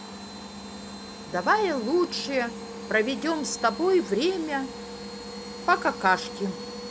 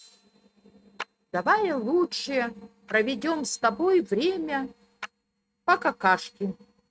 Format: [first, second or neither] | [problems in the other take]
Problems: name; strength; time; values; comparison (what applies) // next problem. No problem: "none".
first | noise reduction (neural mask model RNNoise)